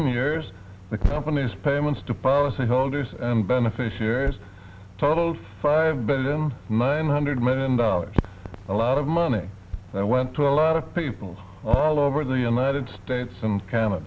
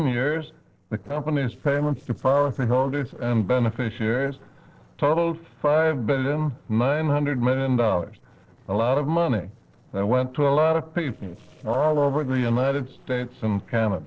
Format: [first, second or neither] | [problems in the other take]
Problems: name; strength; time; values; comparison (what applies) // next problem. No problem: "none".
first | noise reduction (neural separator model SepFormer DNS4)